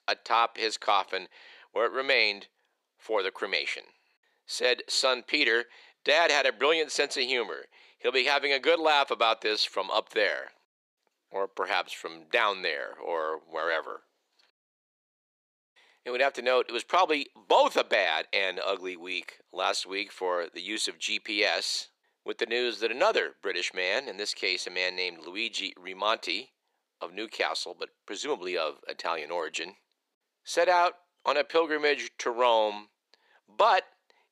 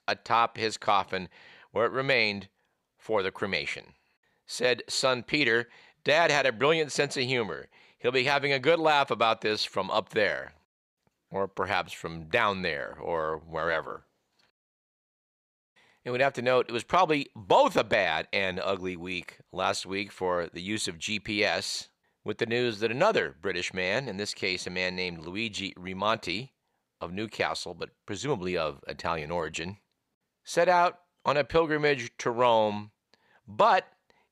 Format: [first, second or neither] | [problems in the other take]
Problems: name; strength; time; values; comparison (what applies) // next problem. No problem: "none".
second | thin; somewhat; fading below 300 Hz